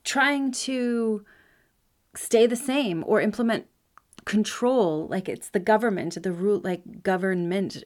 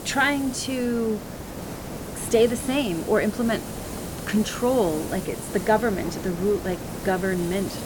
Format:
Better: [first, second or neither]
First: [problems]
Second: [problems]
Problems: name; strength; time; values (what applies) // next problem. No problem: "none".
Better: first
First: none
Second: hiss; loud; throughout; 9 dB below the speech